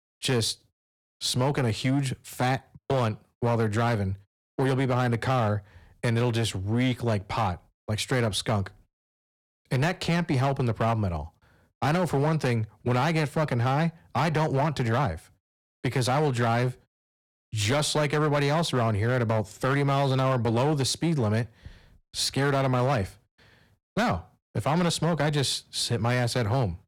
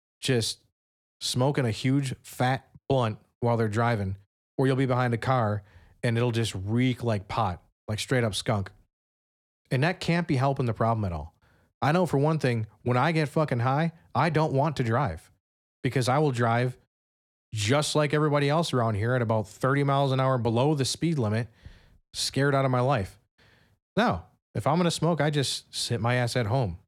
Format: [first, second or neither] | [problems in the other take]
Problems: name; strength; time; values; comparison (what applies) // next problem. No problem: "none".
second | distortion; slight; 9% of the sound clipped